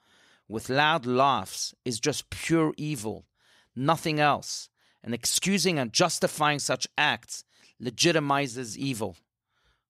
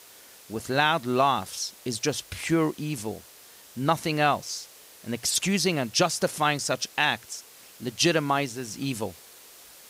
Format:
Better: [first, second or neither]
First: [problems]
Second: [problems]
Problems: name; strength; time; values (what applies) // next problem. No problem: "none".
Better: first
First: none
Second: hiss; faint; throughout; 20 dB below the speech